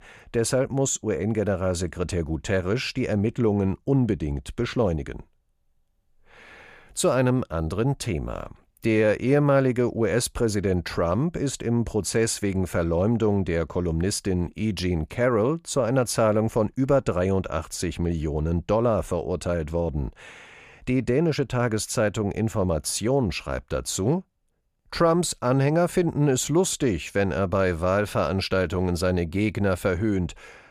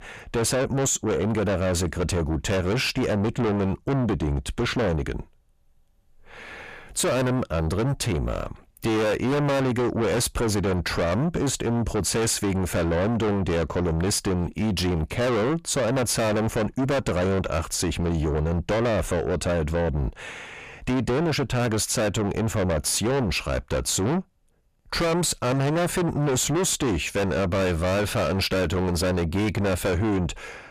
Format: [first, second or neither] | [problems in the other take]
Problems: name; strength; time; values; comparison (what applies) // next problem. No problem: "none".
first | distortion; heavy; 5 dB below the speech